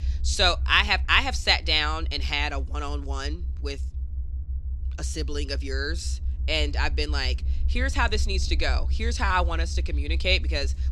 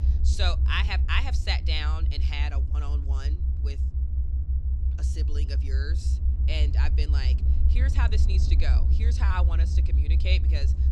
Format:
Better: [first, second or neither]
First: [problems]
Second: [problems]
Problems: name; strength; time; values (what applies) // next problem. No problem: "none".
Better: first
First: low rumble; faint; throughout; 25 dB below the speech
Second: low rumble; loud; throughout; 10 dB below the speech